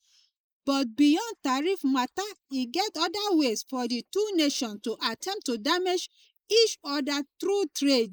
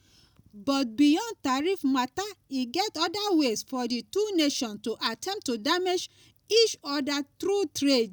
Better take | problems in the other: second | noise reduction (neural mask model Resemble Enhance denoiser)

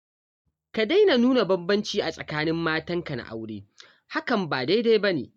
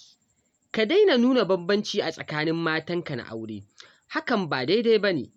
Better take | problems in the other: second | noise reduction (neural mask model DeepFilterNet 3)

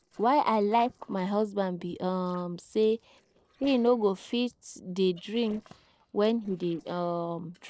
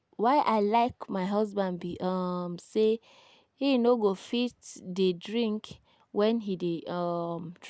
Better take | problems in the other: second | noise reduction (neural separator model SepFormer DNS4)

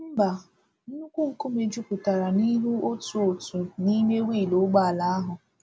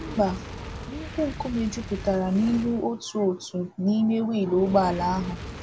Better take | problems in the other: first | background sound (Fire); 12 dB below the speech

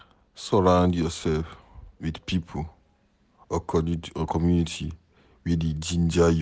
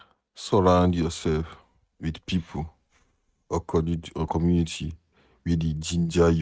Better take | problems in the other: first | noise reduction (neural mask model RNNoise)

